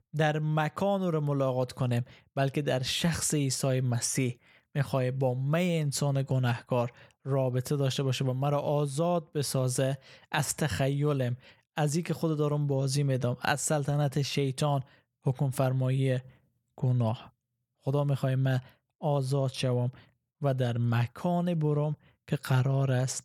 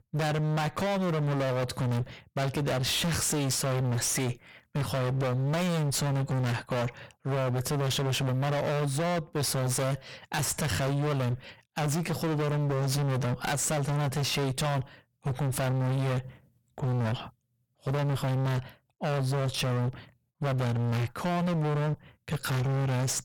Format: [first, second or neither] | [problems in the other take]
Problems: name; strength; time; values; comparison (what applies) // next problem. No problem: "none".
first | distortion; heavy; 48% of the sound clipped